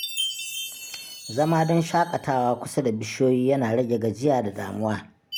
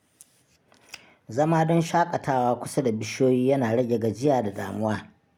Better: second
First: background sound (Chime); 13 dB below the speech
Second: none

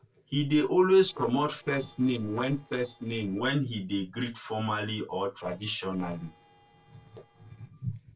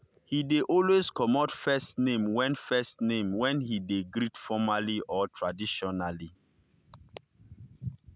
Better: second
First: noise reduction (neural separator model SepFormer DNS4)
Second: none

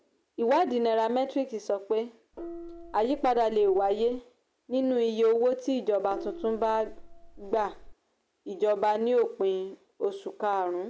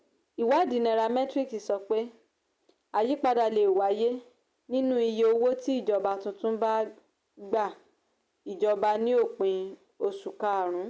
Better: second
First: background sound (Gong); 15 dB below the speech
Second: none

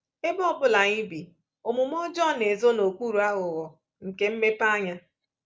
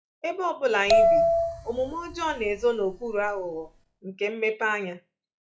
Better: first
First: none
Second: noise reduction (classical method log-MMSE)

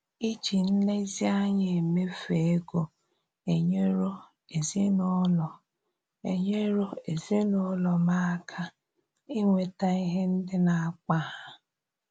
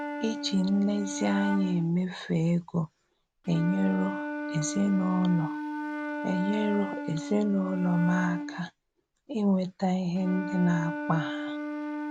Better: first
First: none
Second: background sound (Wind instrument, woodwind instrument); 7 dB below the speech

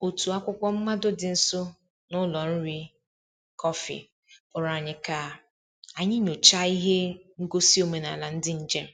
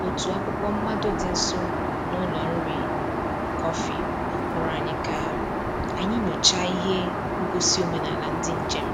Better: first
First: none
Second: background sound (Aircraft); 3 dB above the speech

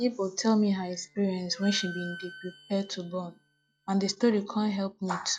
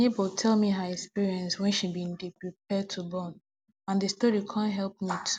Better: second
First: noise reduction (classical method log-MMSE)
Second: none

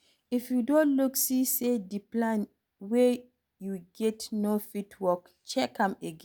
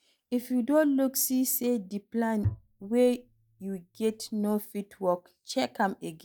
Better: first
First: none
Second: noise reduction (neural mask model DeepFilterNet 3)

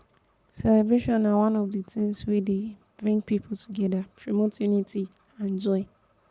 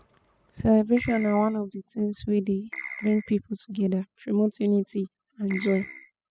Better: first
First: none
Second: noise reduction (classical method spectral subtraction)

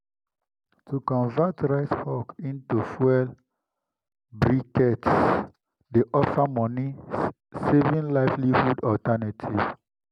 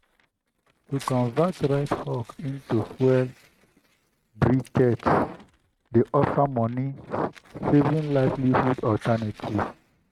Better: first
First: none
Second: noise reduction (neural mask model RNNoise)

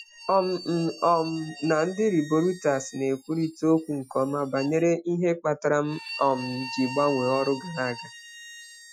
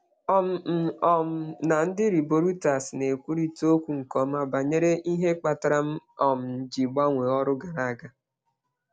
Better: second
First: noise reduction (classical method Wiener filter)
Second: none

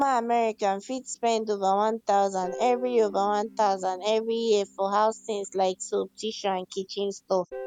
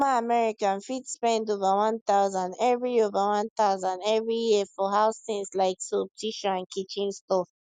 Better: second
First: background sound (Guitar); 19 dB below the speech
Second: none

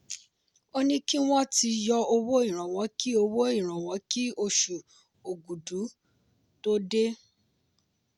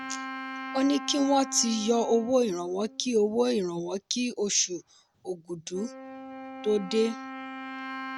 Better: first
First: none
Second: background sound (Wind instrument, woodwind instrument); 12 dB below the speech

